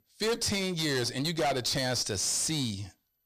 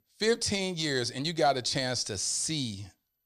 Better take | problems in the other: second | distortion; heavy; 16% of the sound clipped

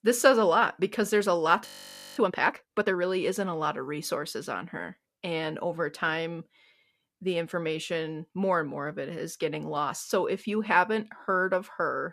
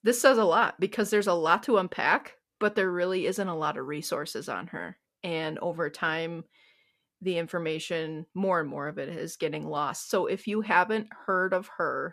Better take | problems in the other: second | audio freezing; at 1.5 s for 0.5 s

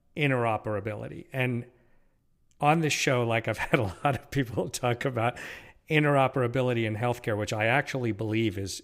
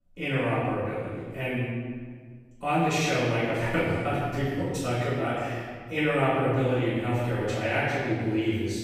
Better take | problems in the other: first | off-mic speech; far // room echo; strong; dies away in 1.5 s

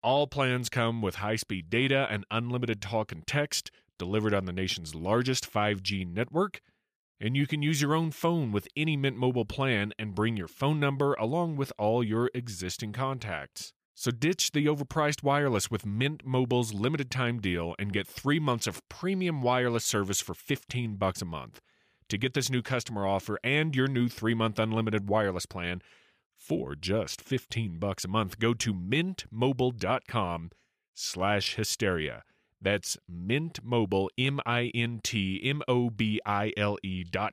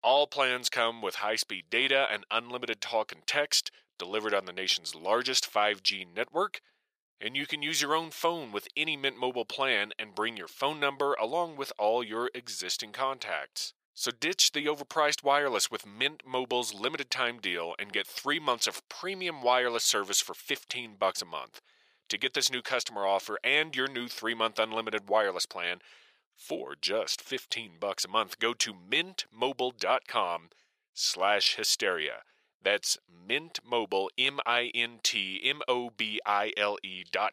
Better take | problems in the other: first | thin; very; fading below 600 Hz

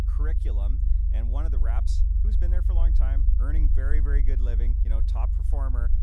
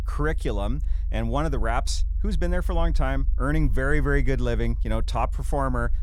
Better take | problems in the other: second | low rumble; loud; throughout; 3 dB below the speech; faint in the second

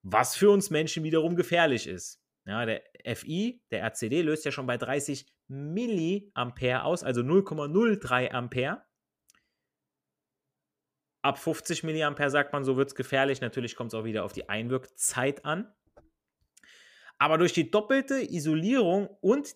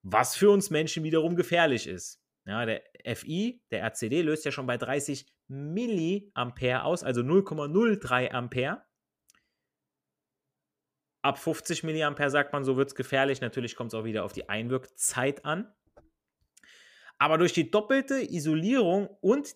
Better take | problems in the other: neither | none

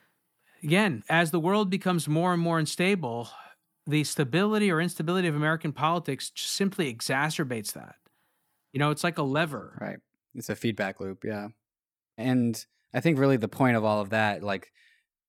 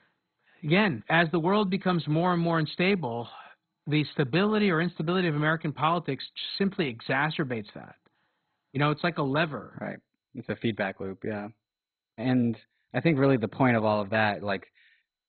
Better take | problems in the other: first | garbled, watery; badly; nothing above 4 kHz

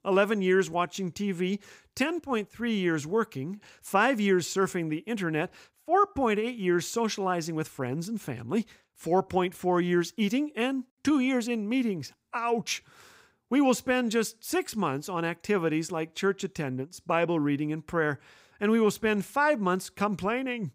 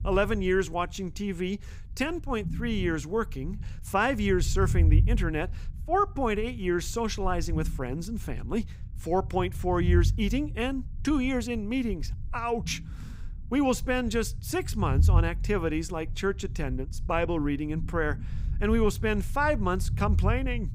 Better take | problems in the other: first | low rumble; noticeable; throughout; 20 dB below the speech

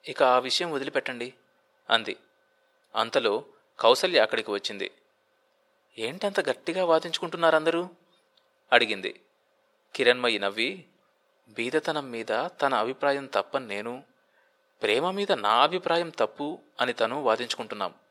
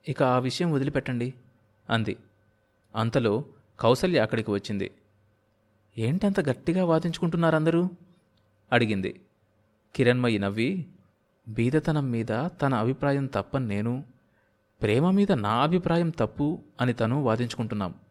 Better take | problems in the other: second | thin; very; fading below 550 Hz

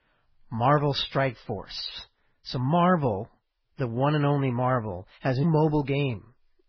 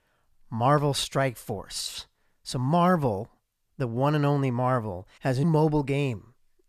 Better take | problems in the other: second | garbled, watery; badly; nothing above 5.5 kHz

